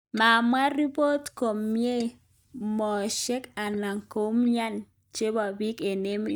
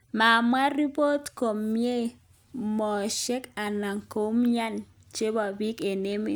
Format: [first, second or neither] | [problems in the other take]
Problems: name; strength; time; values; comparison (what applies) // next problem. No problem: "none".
second | noise reduction (neural mask model DeepFilterNet 3)